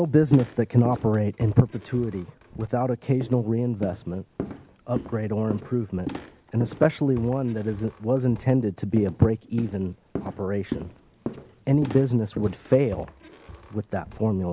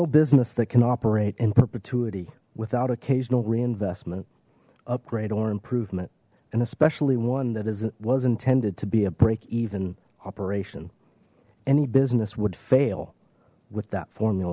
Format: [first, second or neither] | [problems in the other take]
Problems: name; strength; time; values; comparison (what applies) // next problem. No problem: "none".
second | background sound (Walk, footsteps); 14 dB below the speech